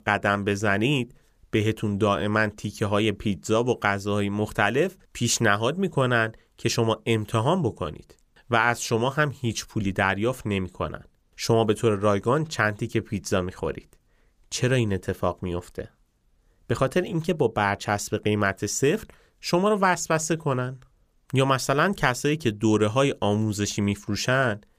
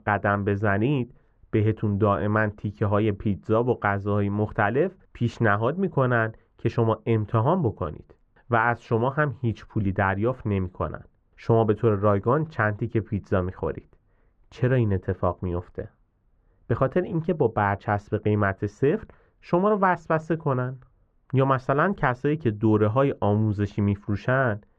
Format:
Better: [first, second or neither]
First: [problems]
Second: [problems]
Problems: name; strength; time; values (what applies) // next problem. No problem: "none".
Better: first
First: none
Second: muffled; very; fading above 1.5 kHz